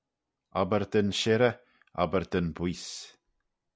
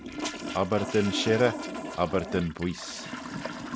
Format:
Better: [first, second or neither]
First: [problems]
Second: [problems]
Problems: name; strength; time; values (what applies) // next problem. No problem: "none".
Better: first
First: none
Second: background sound (Toilet flush); 7 dB below the speech